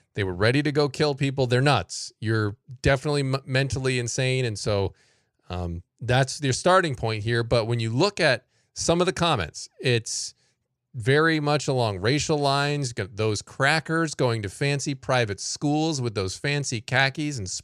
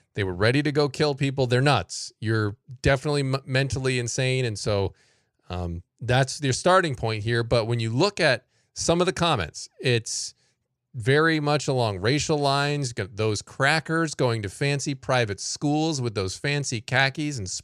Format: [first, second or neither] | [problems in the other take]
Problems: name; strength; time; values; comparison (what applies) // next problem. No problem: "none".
neither | none